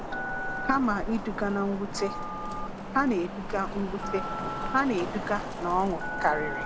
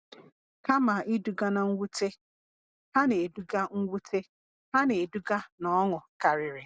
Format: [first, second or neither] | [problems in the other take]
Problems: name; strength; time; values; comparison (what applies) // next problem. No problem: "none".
second | background sound (Telephone + Traffic noise, roadway noise); 4 dB below the speech